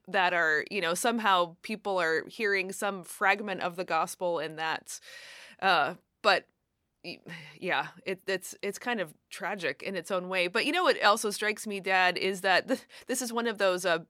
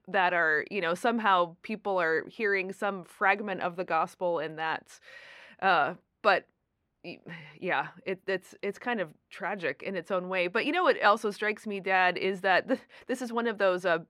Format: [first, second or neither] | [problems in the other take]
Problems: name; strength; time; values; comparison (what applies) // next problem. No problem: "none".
first | muffled; slightly; fading above 4 kHz